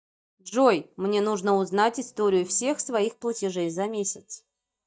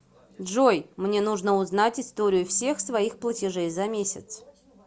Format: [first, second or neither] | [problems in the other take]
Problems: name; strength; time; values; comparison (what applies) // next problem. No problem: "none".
second | noise reduction (neural mask model DeepFilterNet 3)